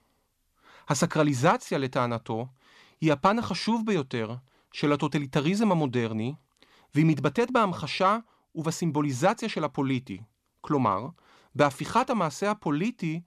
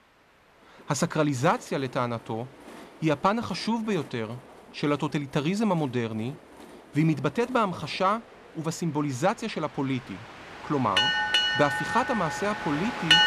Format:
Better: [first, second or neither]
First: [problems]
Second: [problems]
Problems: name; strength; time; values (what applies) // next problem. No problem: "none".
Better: first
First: none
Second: train or aircraft noise; very loud; throughout; 1 dB above the speech